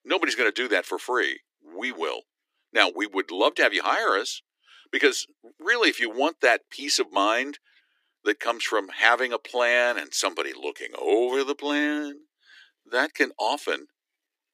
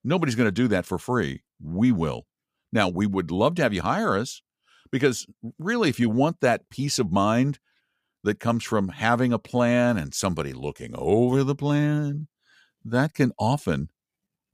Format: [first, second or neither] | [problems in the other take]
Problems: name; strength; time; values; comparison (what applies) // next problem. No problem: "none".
second | thin; very; fading below 300 Hz